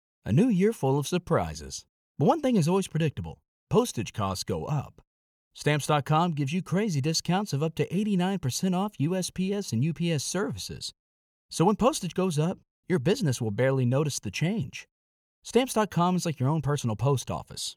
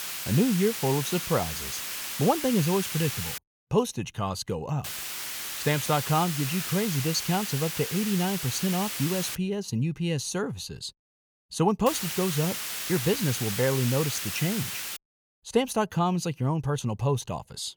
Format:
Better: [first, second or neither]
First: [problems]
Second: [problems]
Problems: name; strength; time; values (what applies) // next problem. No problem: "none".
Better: first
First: none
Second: hiss; loud; until 3.5 s, from 5 to 9.5 s and from 12 to 15 s; 4 dB below the speech